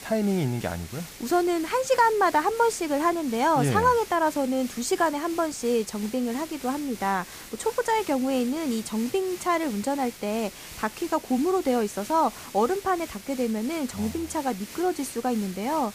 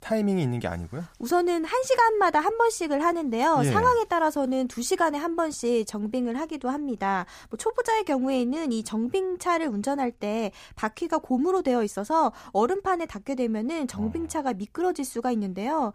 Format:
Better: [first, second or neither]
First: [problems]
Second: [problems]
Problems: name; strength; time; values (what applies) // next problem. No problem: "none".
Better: second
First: hiss; noticeable; throughout; 15 dB below the speech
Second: none